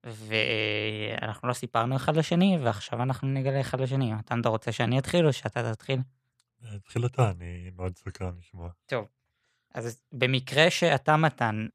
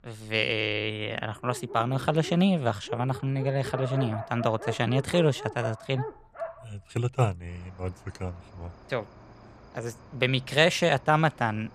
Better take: first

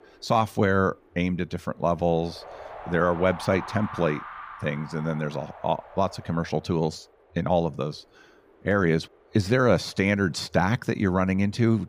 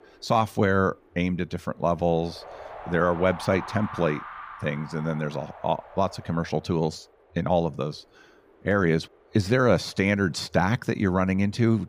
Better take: neither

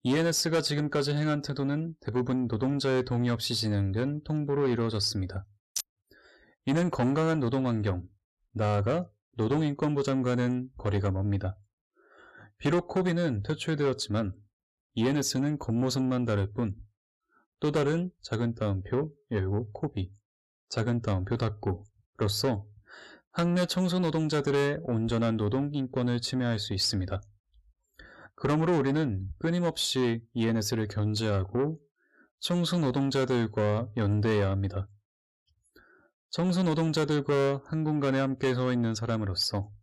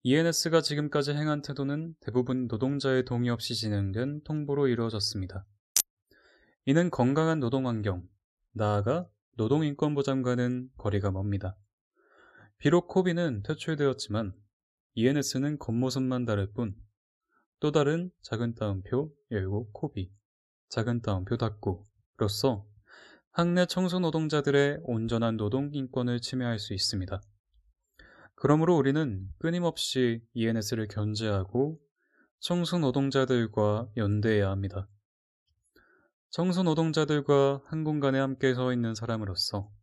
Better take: second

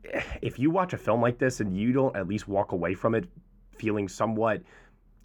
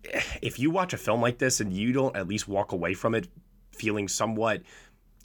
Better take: second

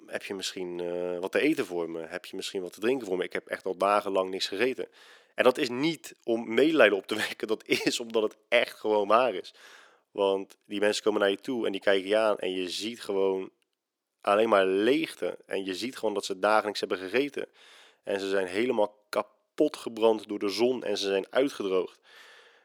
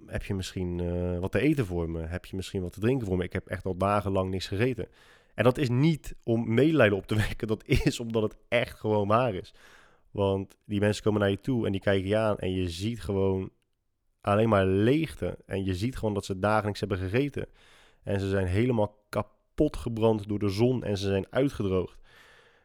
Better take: second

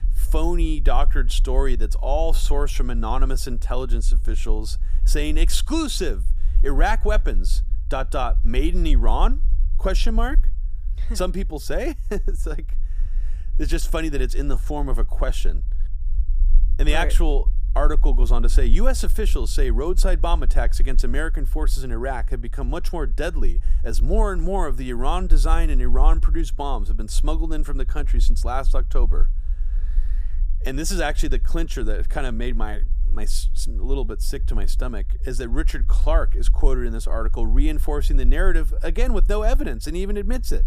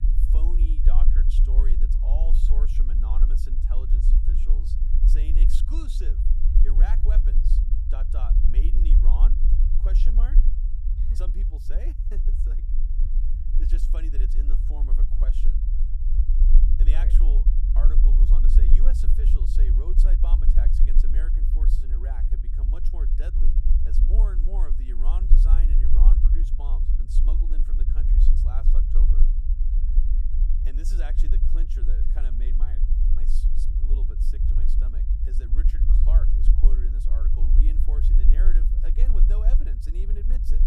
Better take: first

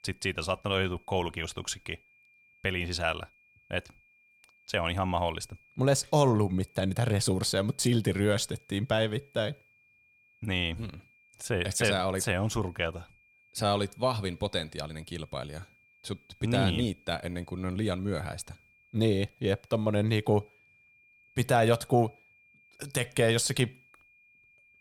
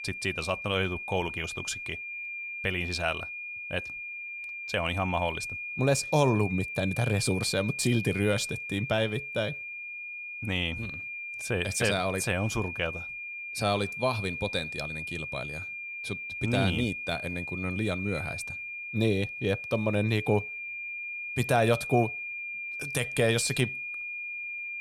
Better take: first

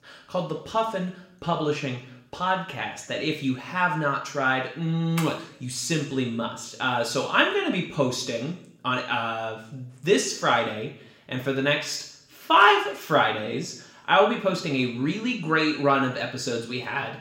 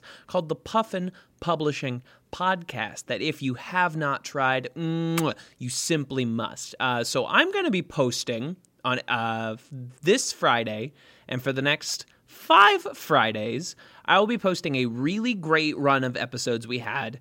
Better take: second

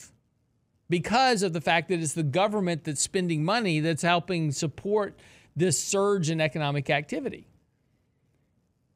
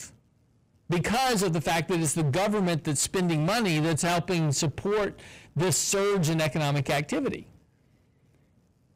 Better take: first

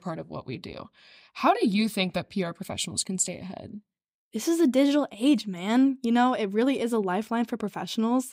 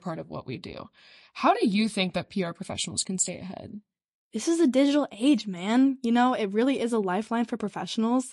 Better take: first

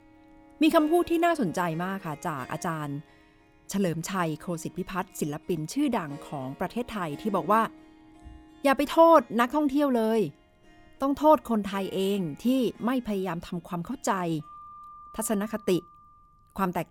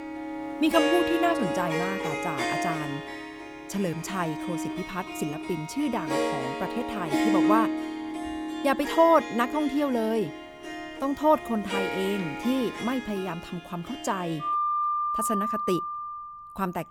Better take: first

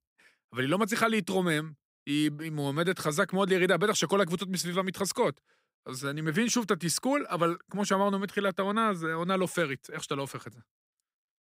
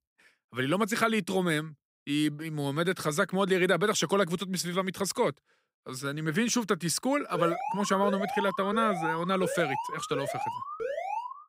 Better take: first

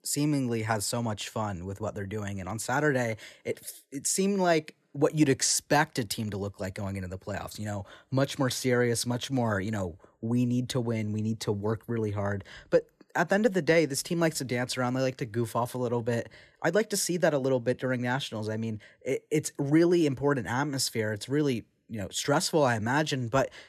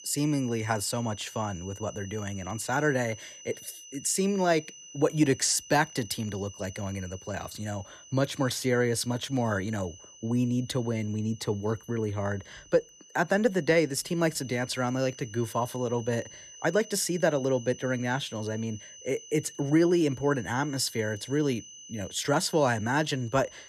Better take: first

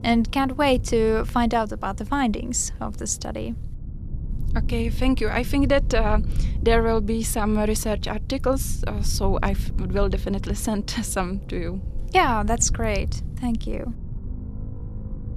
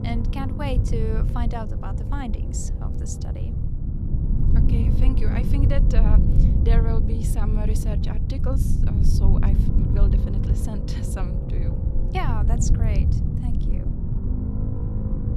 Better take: first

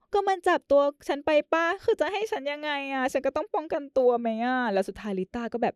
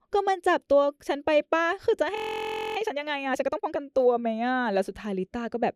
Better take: first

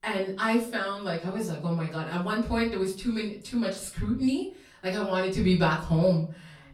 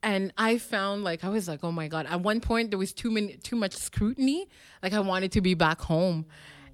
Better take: second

